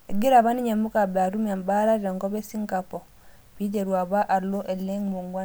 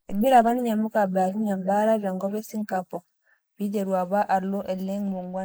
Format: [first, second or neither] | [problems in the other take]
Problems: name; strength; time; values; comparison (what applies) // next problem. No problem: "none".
first | noise reduction (neural mask model Resemble Enhance denoiser)